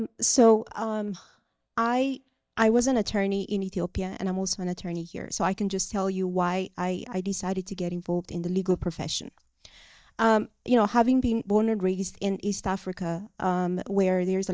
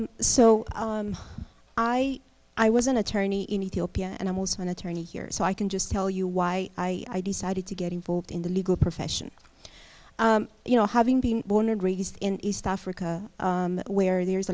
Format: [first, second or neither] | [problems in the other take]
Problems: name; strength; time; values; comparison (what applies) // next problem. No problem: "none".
second | noise reduction (neural mask model DeepFilterNet 3)